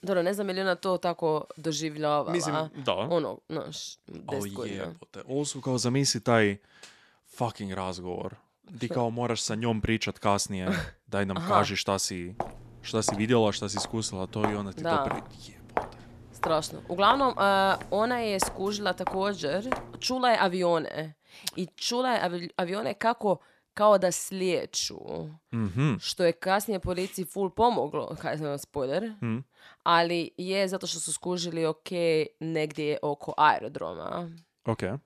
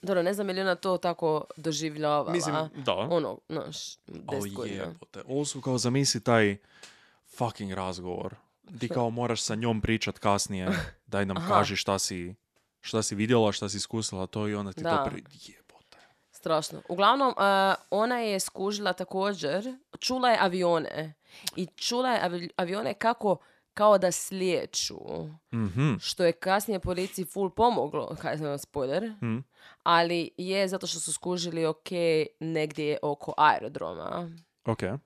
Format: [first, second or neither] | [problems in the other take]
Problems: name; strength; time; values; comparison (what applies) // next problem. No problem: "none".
second | footsteps; noticeable; from 12 to 20 s; peak 5 dB below the speech